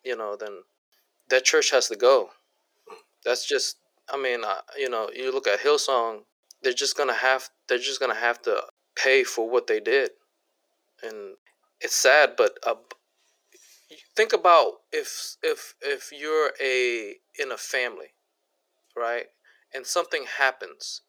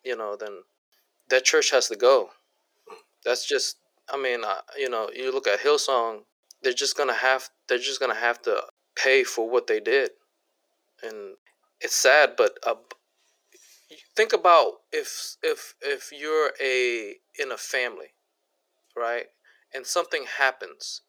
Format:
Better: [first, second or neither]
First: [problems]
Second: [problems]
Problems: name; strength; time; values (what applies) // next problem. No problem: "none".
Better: neither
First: thin; very; fading below 400 Hz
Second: thin; very; fading below 400 Hz